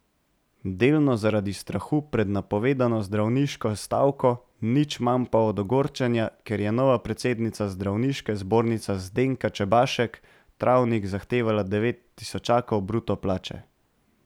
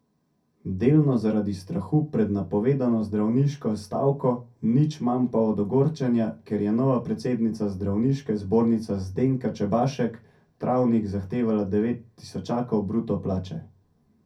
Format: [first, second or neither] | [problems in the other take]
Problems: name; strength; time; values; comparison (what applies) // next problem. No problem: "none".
first | room echo; dies away in 0.3 s